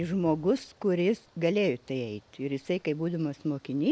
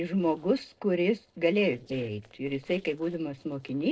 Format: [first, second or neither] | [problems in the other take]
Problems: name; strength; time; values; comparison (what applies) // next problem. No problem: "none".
first | noise reduction (neural separator model SepFormer DNS4)